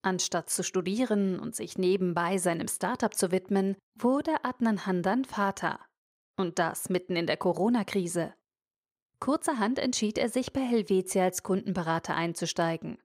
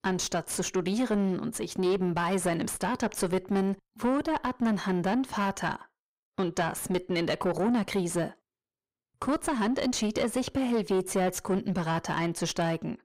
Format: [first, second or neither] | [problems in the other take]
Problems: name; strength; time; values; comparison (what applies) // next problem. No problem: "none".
first | distortion; slight; 9 dB below the speech